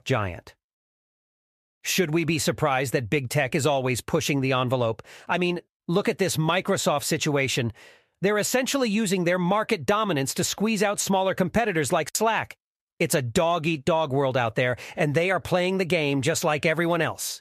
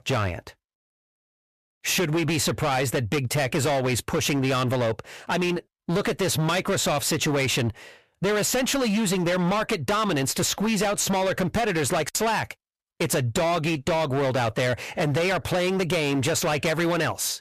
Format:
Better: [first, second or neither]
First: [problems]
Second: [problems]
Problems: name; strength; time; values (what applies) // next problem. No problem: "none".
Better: first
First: none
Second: distortion; heavy; 24% of the sound clipped